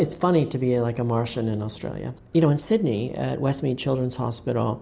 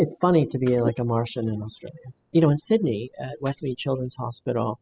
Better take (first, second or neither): first